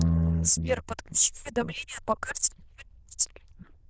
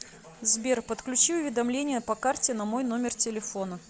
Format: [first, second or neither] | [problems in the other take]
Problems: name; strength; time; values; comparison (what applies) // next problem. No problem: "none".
second | noise reduction (neural diffusion model UNIVERSE++)